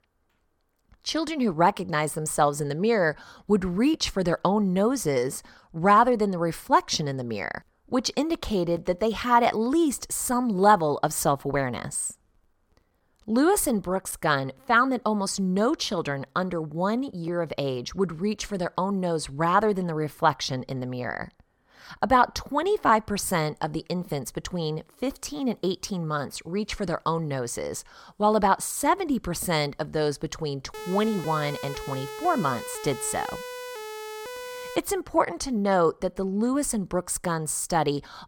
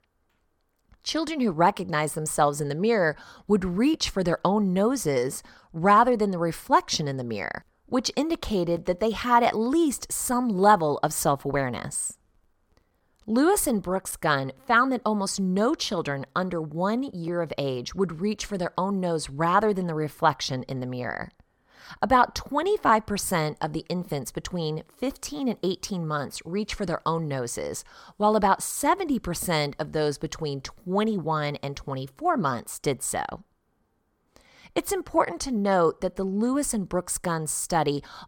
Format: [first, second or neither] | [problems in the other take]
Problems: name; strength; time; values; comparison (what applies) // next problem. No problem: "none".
second | siren; faint; from 31 to 35 s; peak 10 dB below the speech